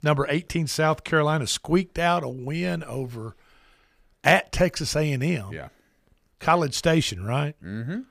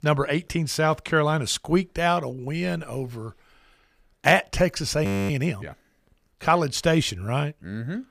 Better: first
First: none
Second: audio freezing; at 5 s

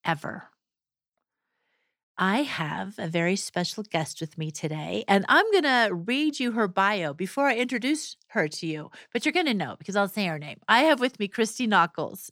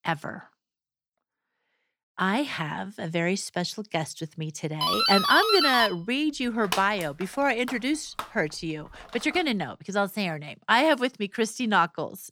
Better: first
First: none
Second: doorbell; loud; from 5 to 9.5 s; peak 4 dB above the speech

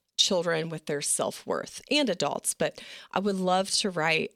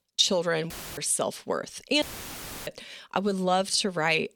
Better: first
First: none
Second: audio cutting out; filled with static; at 0.5 s and at 2 s for 0.5 s

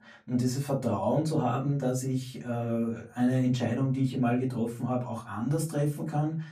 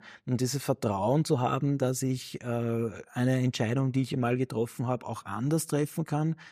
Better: second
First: off-mic speech; far // room echo; very slight; dies away in 0.3 s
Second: none

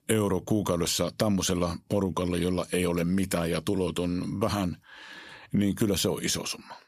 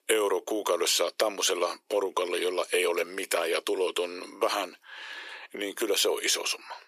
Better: first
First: none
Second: thin; very; fading below 350 Hz

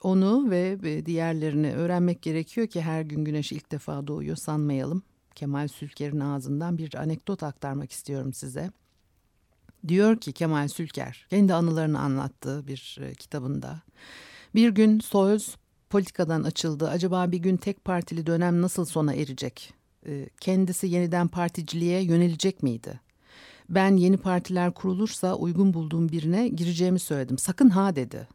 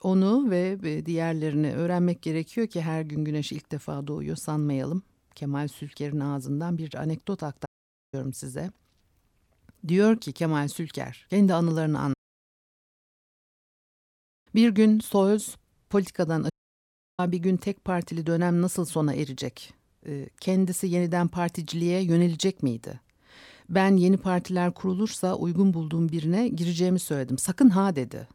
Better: first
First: none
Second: audio cutting out; at 7.5 s, at 12 s for 2.5 s and at 17 s for 0.5 s

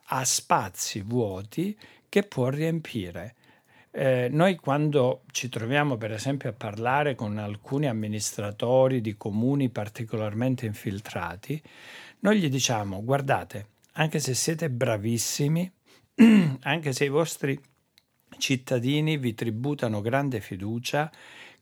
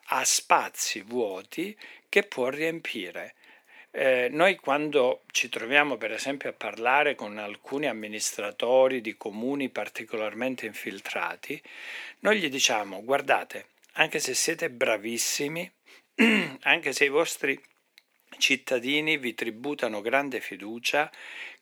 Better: first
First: none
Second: thin; somewhat; fading below 300 Hz

